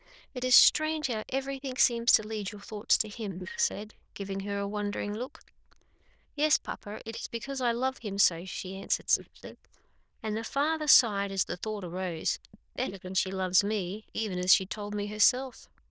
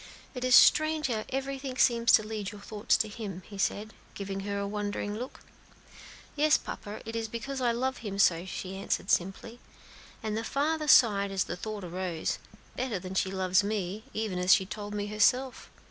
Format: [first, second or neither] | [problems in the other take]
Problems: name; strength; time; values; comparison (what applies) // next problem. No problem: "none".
second | noise reduction (neural diffusion model UNIVERSE++)